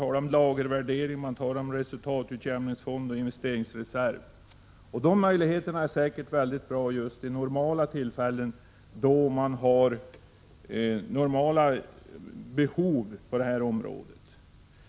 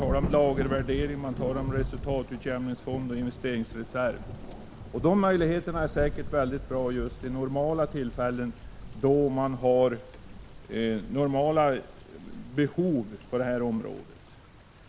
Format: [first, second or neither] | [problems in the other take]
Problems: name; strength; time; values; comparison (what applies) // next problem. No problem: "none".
first | background sound (Thunder / Rain); 9 dB below the speech